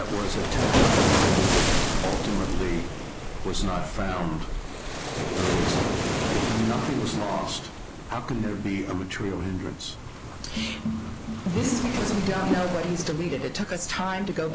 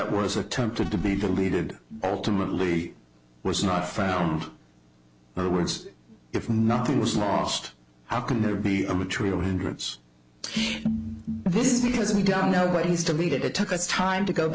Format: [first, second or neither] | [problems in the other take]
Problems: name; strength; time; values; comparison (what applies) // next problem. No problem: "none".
second | background sound (Waves, surf); 2 dB above the speech